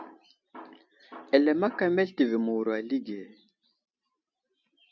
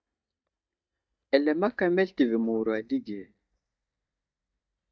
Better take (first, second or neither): first